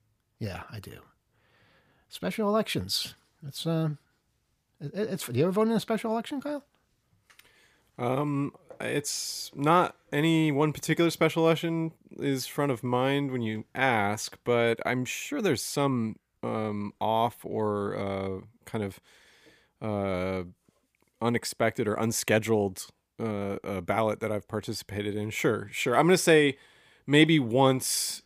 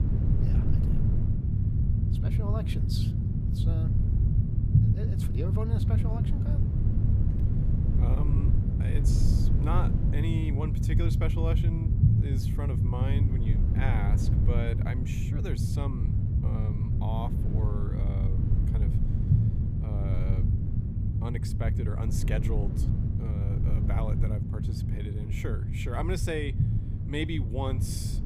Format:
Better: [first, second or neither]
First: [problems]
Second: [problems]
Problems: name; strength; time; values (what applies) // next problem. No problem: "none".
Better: first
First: none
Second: low rumble; loud; throughout; as loud as the speech